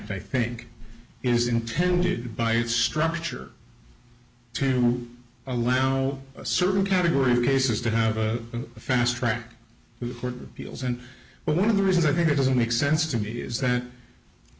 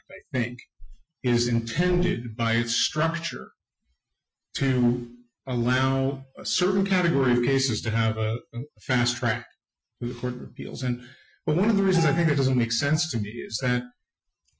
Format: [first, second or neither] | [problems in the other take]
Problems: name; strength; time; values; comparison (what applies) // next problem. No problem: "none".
first | noise reduction (classical method Wiener filter)